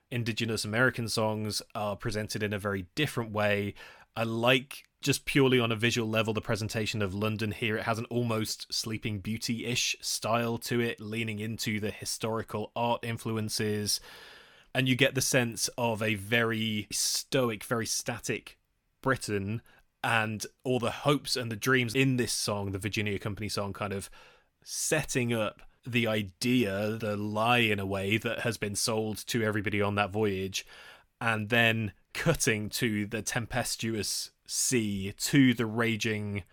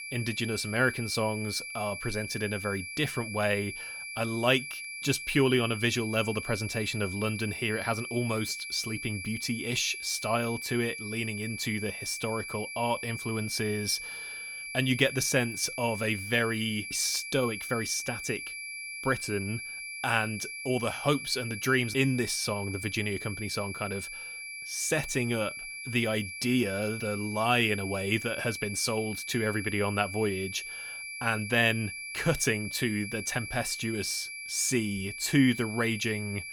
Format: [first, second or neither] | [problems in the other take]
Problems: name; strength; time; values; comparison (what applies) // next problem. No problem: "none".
first | high-pitched whine; loud; throughout; 2.5 kHz, 7 dB below the speech